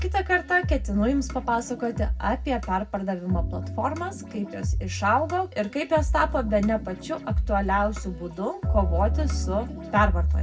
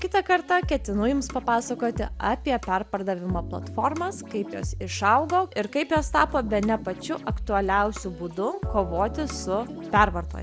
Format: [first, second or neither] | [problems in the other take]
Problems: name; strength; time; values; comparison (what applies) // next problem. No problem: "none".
second | room echo; dies away in 0.4 s